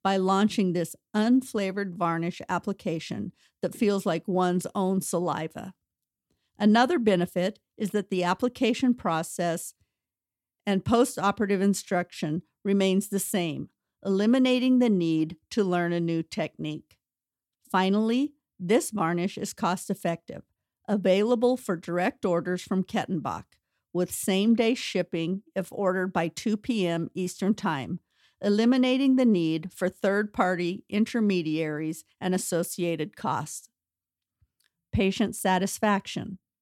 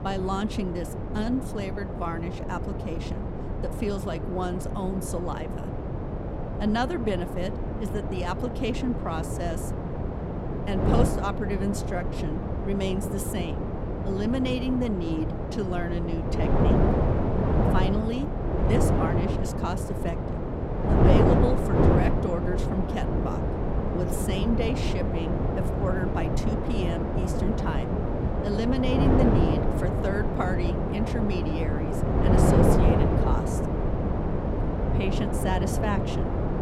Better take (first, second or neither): first